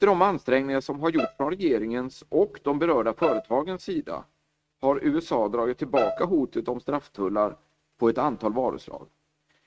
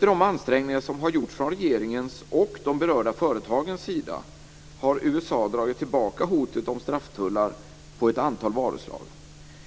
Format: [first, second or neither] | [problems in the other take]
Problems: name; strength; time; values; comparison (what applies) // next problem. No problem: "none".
second | noise reduction (neural mask model RNNoise)